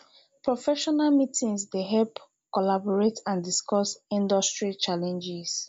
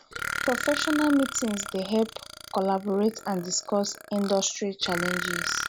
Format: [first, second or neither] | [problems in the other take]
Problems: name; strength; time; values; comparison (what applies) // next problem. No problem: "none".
first | background sound (Burping, eructation); 7 dB below the speech